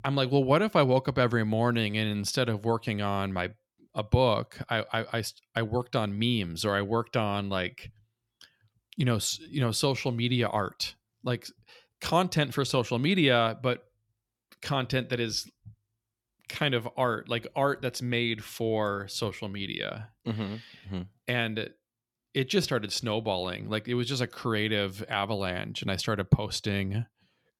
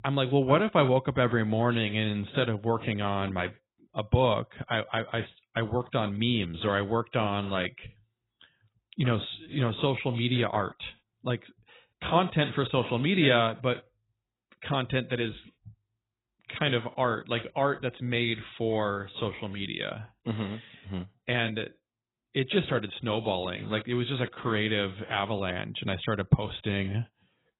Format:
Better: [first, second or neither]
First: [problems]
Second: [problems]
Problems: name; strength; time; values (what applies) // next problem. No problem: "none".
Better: first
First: none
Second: garbled, watery; badly; nothing above 4 kHz